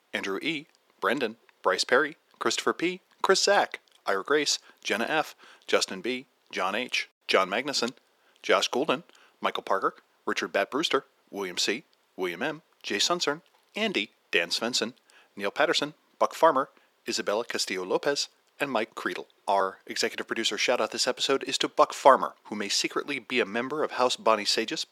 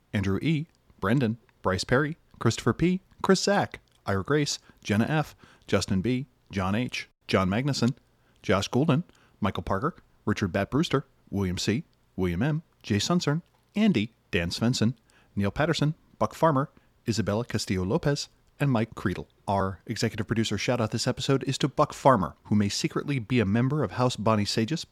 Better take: second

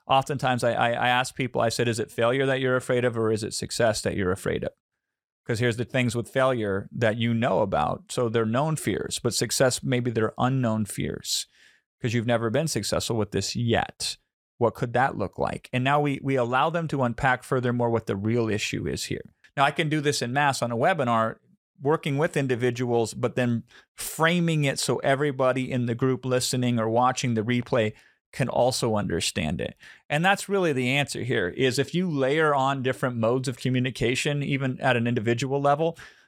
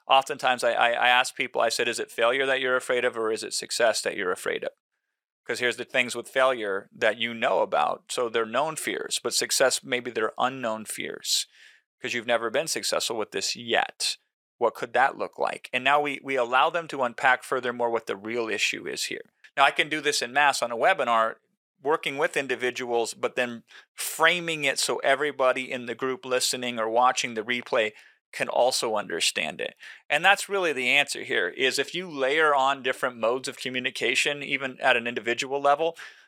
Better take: first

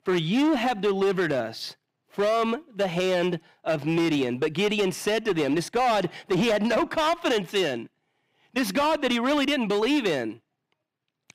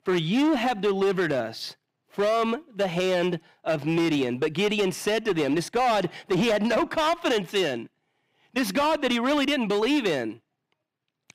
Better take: neither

